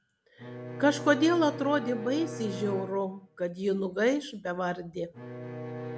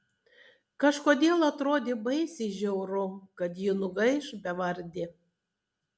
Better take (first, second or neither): second